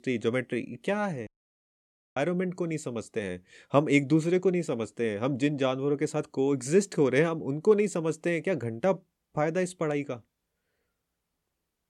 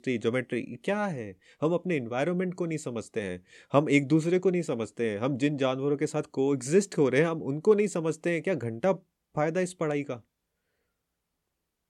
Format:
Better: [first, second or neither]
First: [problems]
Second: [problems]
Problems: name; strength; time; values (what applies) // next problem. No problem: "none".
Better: second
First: audio cutting out; at 1.5 s for 1 s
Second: none